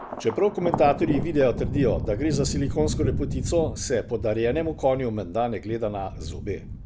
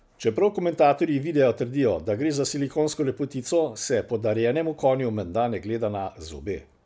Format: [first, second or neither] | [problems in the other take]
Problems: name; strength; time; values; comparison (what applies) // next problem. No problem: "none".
second | background sound (Thunder); 5 dB below the speech